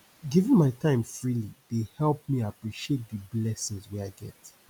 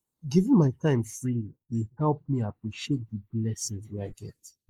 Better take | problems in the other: first | noise reduction (neural mask model Resemble Enhance denoiser)

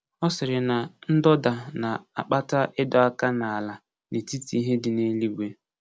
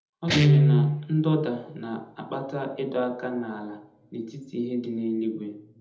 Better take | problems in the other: first | background sound (Guitar); 2 dB above the speech // room echo; dies away in 0.8 s

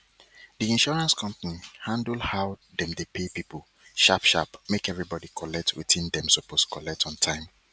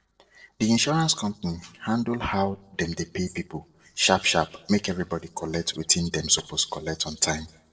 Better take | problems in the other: first | noise reduction (neural separator model SepFormer DNS4)

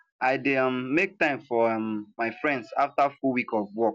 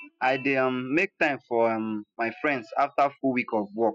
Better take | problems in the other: first | noise reduction (classical method spectral subtraction)

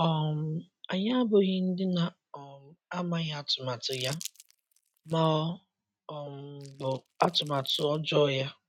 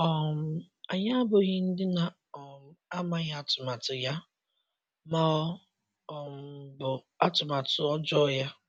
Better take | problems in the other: second | noise reduction (neural mask model RNNoise)

